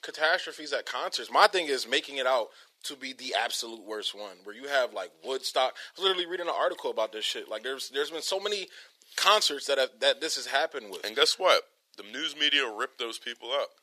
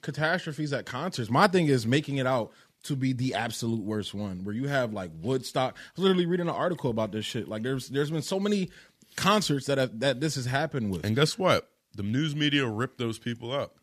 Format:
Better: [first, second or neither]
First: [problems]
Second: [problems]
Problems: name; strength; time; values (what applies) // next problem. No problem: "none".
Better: second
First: thin; very; fading below 450 Hz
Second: none